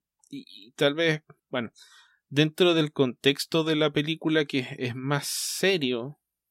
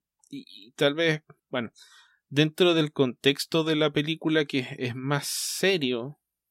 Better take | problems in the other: neither | none

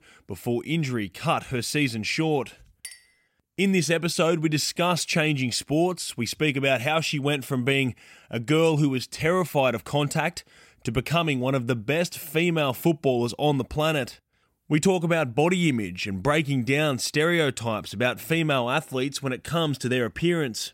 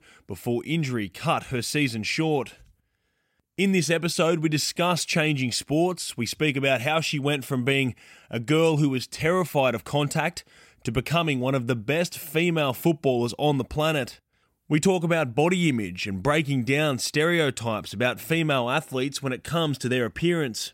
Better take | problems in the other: second | clattering dishes; faint; at 3 s; peak 15 dB below the speech

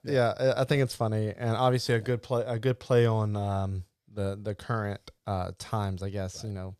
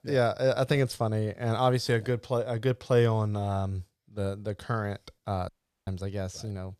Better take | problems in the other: first | audio cutting out; at 5.5 s

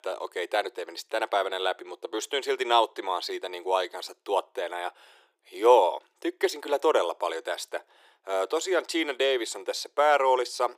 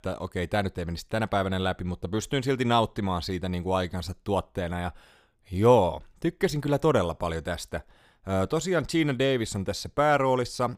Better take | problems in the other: second | thin; very; fading below 350 Hz

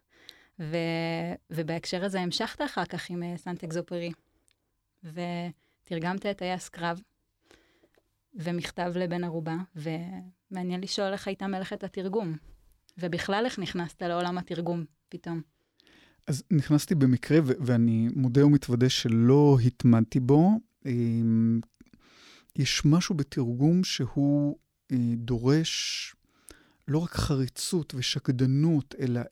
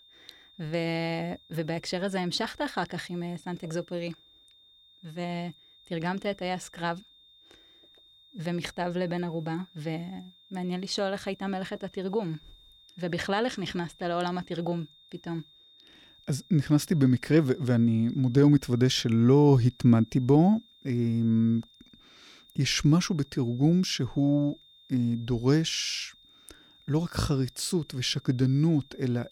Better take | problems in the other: first | high-pitched whine; faint; throughout; 3.5 kHz, 30 dB below the speech

